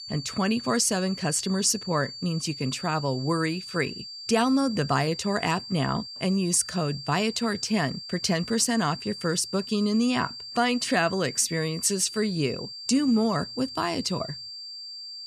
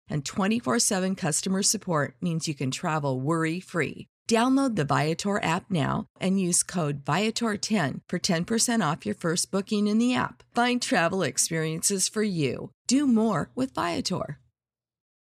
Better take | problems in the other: second | high-pitched whine; noticeable; throughout; 4.5 kHz, 10 dB below the speech

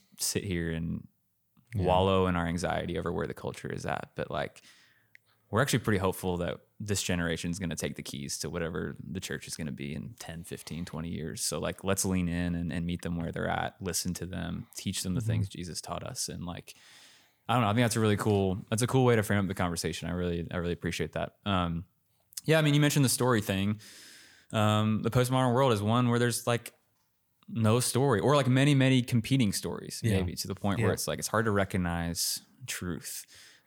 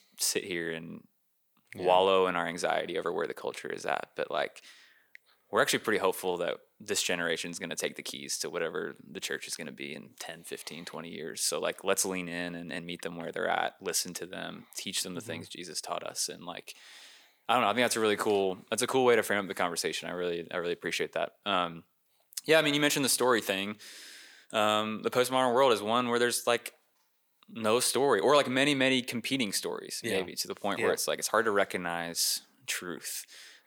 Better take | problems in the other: first | thin; somewhat; fading below 400 Hz

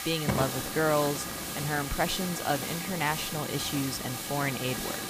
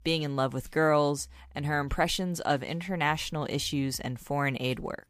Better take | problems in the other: second | hiss; loud; throughout; 2 dB below the speech

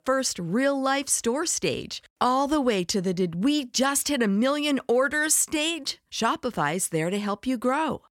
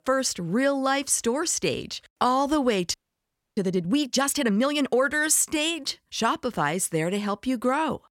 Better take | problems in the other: first | audio freezing; at 3 s for 0.5 s

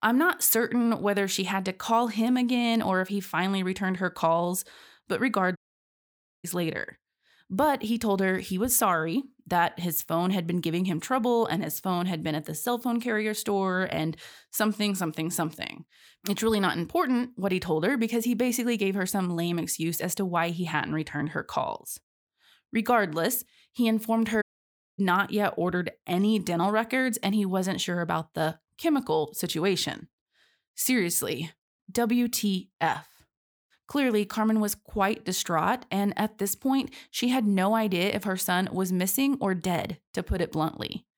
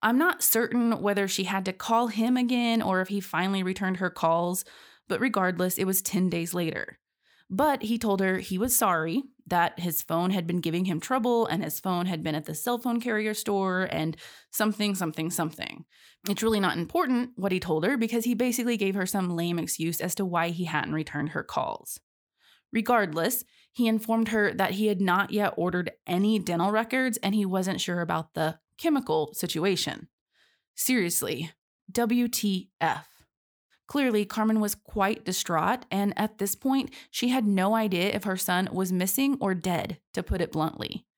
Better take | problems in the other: second | audio cutting out; at 5.5 s for 1 s and at 24 s for 0.5 s

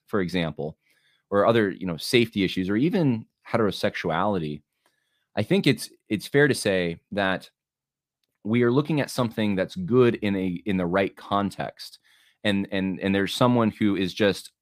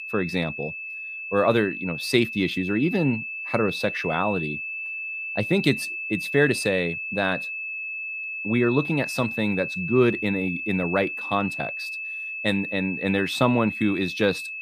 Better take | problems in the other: first | high-pitched whine; loud; throughout; 2.5 kHz, 5 dB below the speech

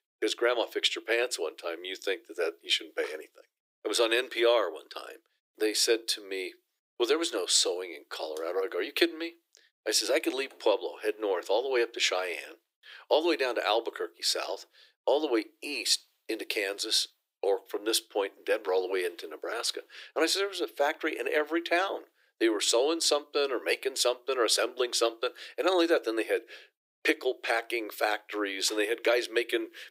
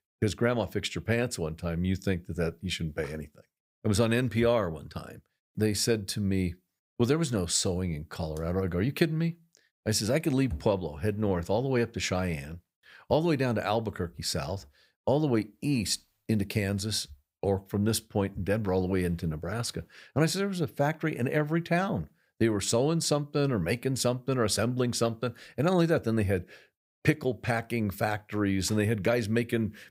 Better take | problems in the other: second | thin; very; fading below 350 Hz

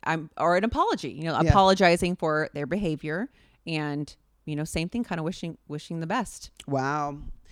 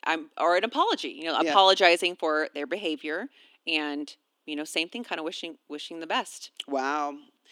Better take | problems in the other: first | thin; somewhat; fading below 300 Hz

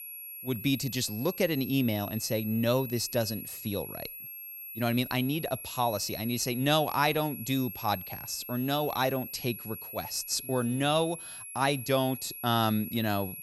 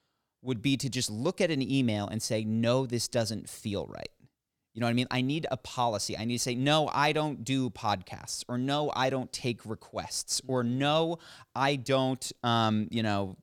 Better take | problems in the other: second | high-pitched whine; loud; throughout; 11.5 kHz, 10 dB below the speech

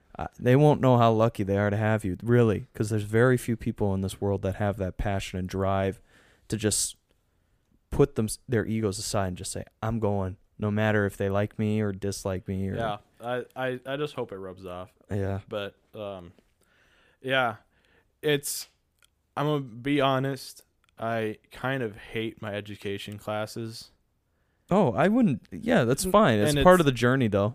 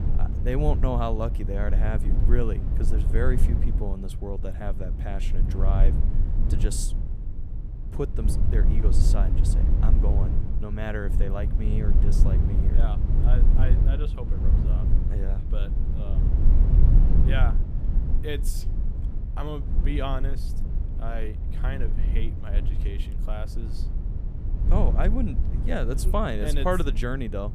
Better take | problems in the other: first | low rumble; loud; throughout; 7 dB below the speech

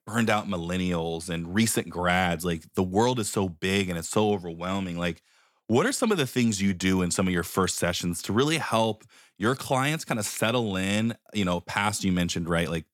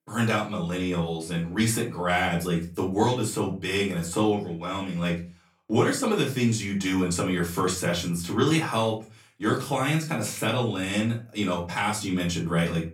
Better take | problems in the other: first | off-mic speech; far // room echo; slight; dies away in 0.3 s

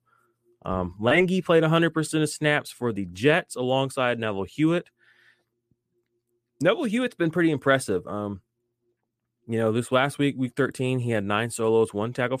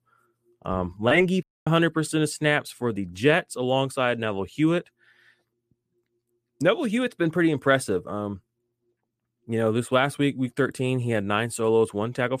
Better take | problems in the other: first | audio cutting out; at 1.5 s

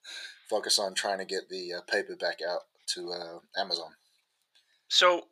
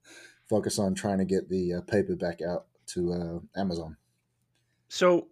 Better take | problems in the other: second | thin; very; fading below 800 Hz

